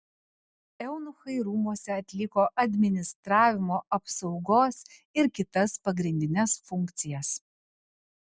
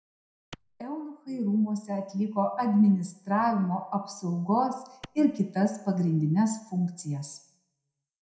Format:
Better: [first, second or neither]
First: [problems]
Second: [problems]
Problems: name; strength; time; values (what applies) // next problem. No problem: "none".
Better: first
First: none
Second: background sound (Clapping); 19 dB below the speech // room echo; dies away in 0.5 s